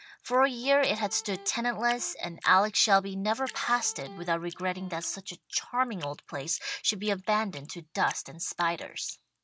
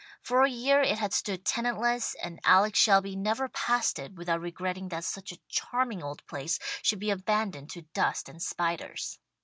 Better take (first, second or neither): second